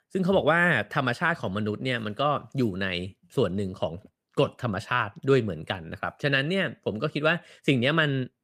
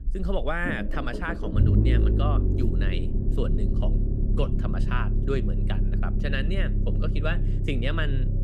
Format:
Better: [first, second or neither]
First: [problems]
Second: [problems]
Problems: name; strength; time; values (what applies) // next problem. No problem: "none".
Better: first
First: none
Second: low rumble; loud; throughout; 5 dB below the speech